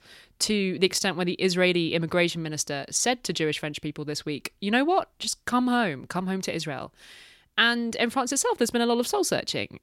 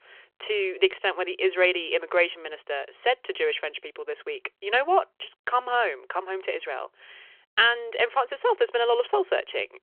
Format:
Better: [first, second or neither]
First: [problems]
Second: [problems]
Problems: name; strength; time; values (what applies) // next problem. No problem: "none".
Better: first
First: none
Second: phone-call audio